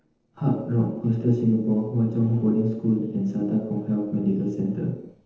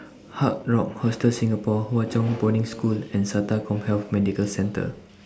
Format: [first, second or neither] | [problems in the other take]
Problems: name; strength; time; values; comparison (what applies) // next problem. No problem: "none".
second | noise reduction (neural separator model SepFormer DNS4)